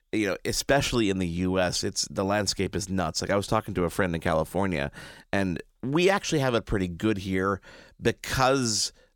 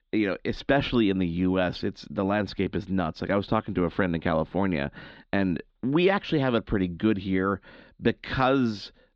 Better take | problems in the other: first | muffled; slightly; fading above 4 kHz

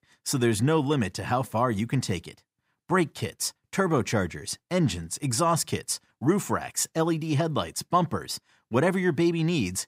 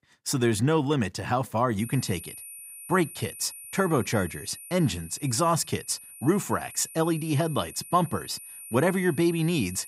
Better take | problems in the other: first | high-pitched whine; noticeable; from 2 s on; 9.5 kHz, 15 dB below the speech

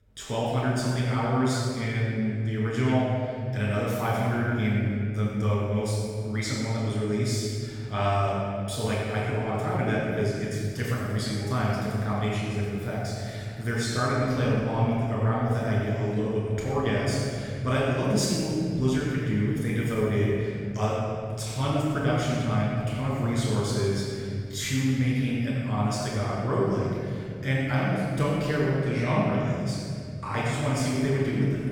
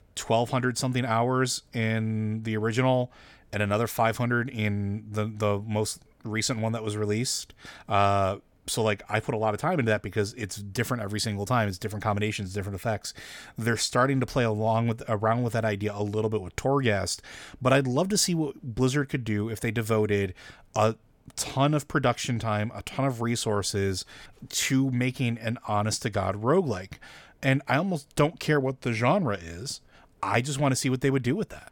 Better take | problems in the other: second | room echo; strong; dies away in 3 s // off-mic speech; far

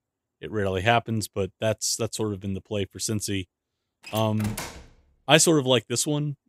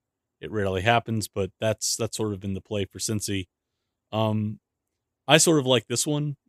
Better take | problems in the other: second | door banging; noticeable; at 4 s; peak 10 dB below the speech

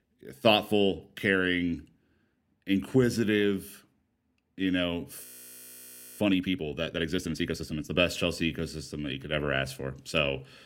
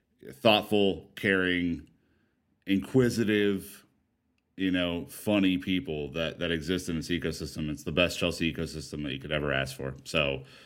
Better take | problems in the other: second | audio freezing; at 5 s for 1 s

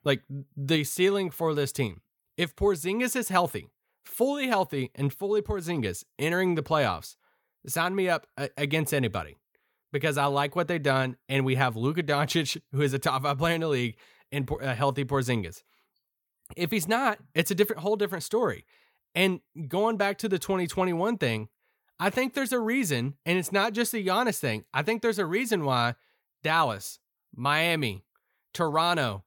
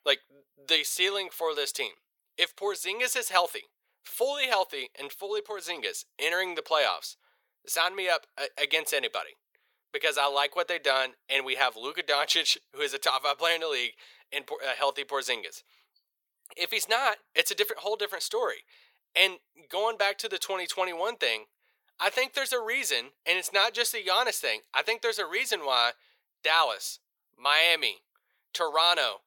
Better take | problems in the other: first | thin; very; fading below 500 Hz

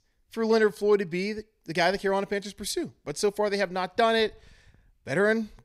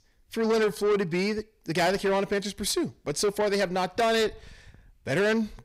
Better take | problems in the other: first | distortion; heavy; 8 dB below the speech

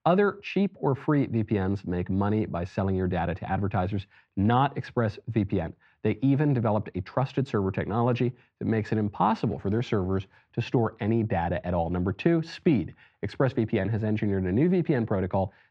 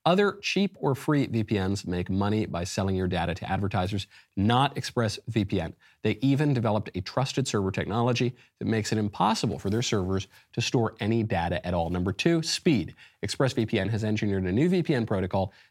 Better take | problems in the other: second | muffled; very; fading above 2 kHz

